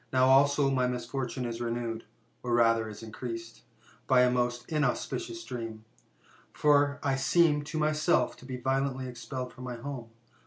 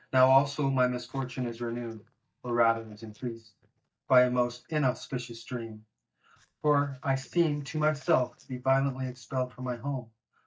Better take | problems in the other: first | noise reduction (neural mask model DeepFilterNet 3)

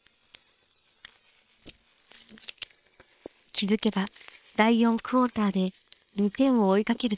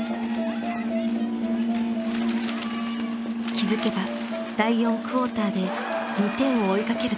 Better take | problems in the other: second | noise reduction (neural separator model SepFormer WHAM!)

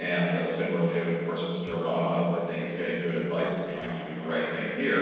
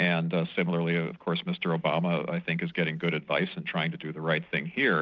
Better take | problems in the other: second | noise reduction (neural separator model SepFormer DNS4)

